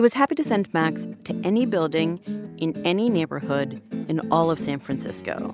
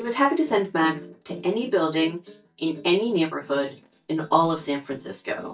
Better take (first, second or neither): first